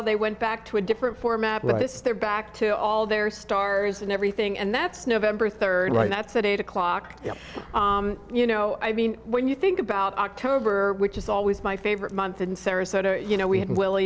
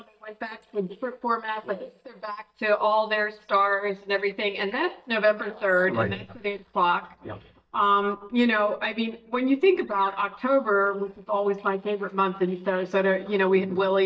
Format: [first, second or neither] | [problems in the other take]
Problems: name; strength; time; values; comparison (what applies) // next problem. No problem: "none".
first | noise reduction (neural mask model DeepFilterNet 3)